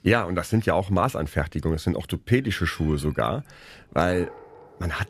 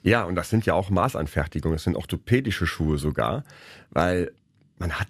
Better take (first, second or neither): second